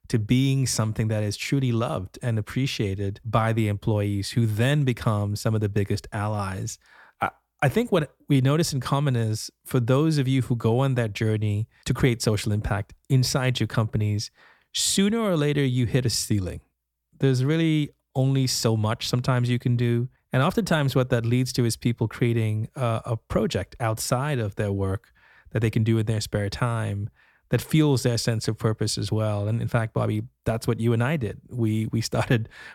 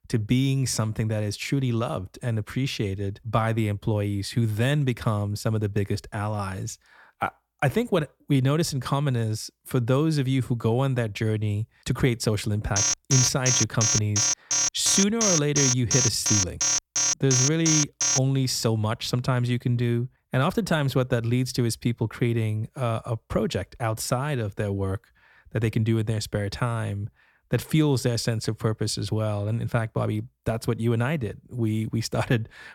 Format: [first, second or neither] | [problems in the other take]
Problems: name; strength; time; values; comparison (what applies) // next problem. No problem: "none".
first | alarm; loud; from 13 to 18 s; peak 4 dB above the speech